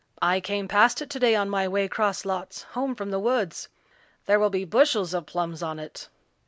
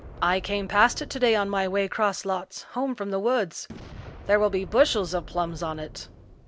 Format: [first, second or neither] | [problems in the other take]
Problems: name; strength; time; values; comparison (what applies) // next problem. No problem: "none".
first | background sound (Boom); 17 dB below the speech